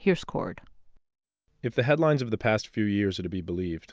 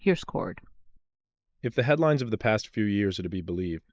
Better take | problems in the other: first | noise reduction (neural mask model Resemble Enhance denoiser)

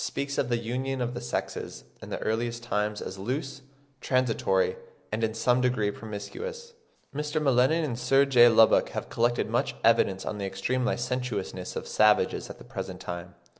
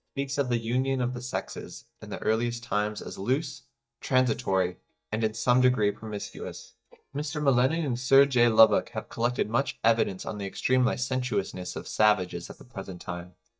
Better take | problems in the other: first | noise reduction (neural mask model DeepFilterNet 3)

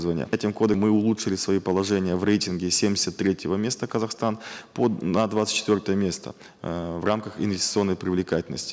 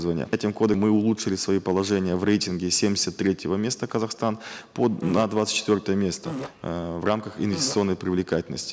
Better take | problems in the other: first | background sound (Fart); 11 dB below the speech

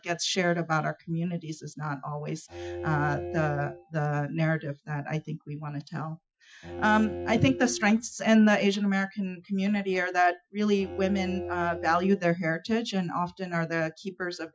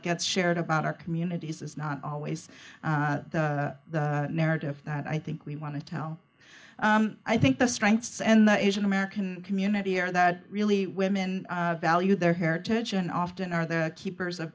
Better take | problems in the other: second | noise reduction (classical method Wiener filter)

